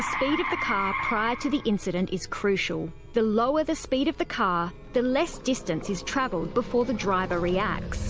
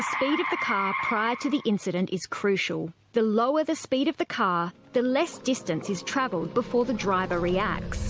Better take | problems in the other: second | background sound (Chime); 16 dB below the speech

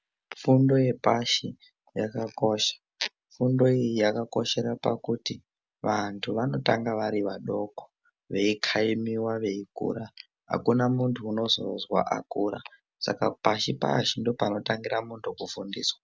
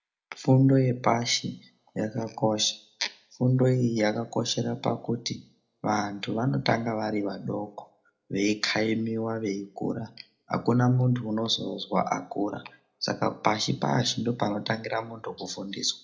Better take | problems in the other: first | room echo; dies away in 0.2 s

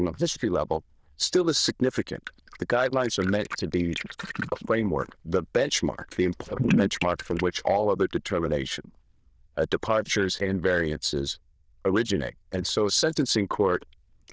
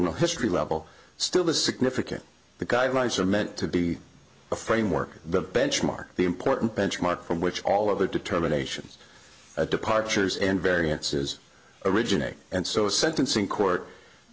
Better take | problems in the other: second | noise reduction (neural diffusion model UNIVERSE++)

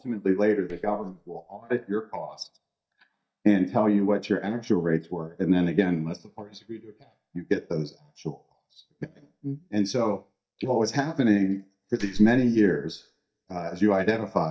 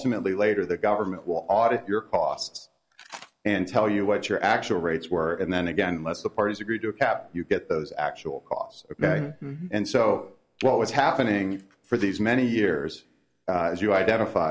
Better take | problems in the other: second | noise reduction (neural mask model DeepFilterNet 3)

